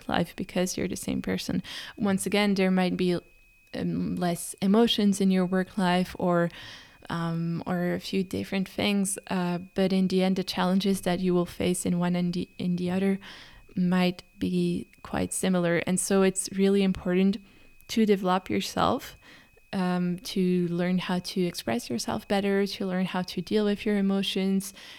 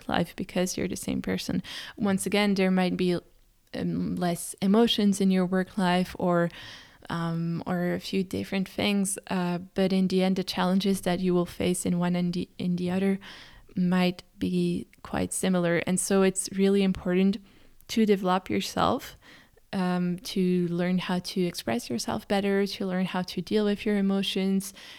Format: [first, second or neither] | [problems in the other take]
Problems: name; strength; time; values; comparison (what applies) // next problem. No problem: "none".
second | high-pitched whine; faint; throughout; 2.5 kHz, 35 dB below the speech